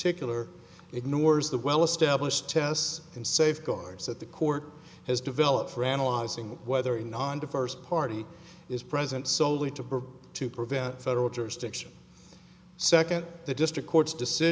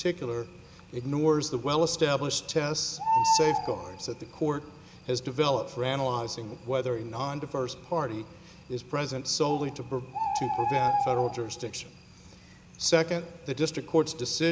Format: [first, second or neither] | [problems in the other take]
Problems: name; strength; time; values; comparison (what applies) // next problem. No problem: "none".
first | background sound (Bird); 5 dB below the speech